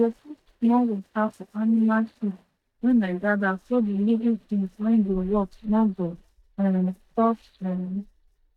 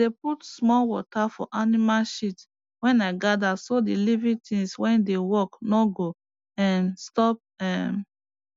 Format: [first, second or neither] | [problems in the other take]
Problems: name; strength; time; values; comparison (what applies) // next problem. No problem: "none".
second | noise reduction (neural mask model DeepFilterNet 3)